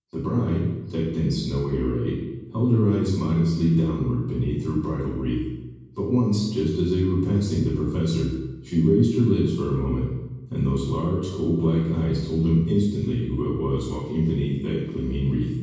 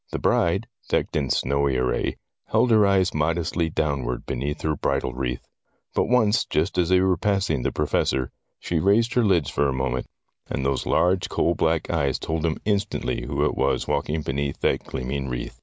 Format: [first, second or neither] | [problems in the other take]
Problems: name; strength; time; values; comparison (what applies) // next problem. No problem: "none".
second | room echo; dies away in 1.2 s